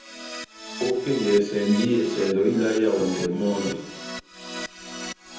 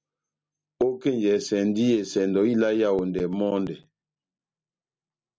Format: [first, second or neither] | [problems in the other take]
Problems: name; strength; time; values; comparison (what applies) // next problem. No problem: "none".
second | background sound (Keyboard (musical)); 12 dB below the speech // room echo; dies away in 0.9 s